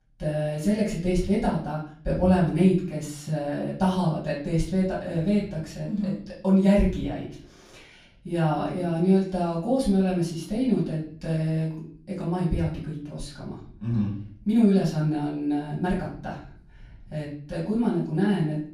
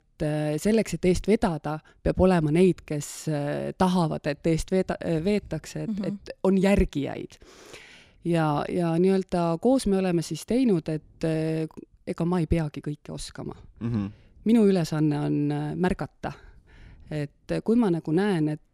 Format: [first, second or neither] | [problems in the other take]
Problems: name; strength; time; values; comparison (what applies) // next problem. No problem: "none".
second | off-mic speech; far // room echo; noticeable; dies away in 0.5 s